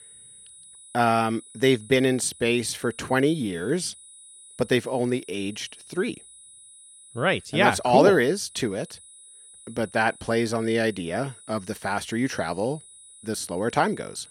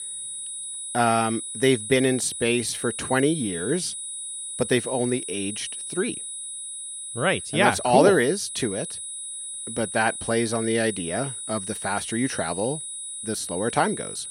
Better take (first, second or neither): first